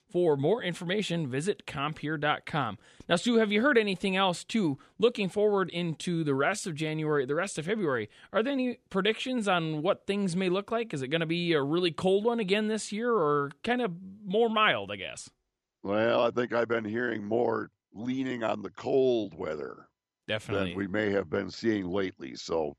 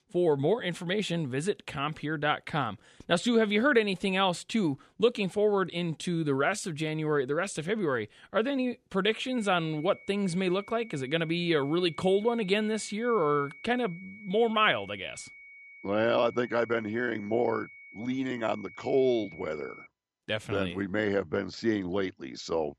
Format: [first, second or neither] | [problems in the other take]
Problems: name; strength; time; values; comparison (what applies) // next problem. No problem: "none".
first | high-pitched whine; noticeable; from 9 to 20 s; 2 kHz, 20 dB below the speech